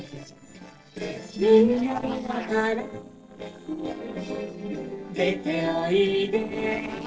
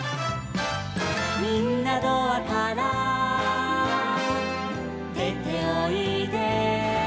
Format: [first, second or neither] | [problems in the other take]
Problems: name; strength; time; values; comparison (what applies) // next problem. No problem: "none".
second | noise reduction (neural separator model SepFormer DNS4)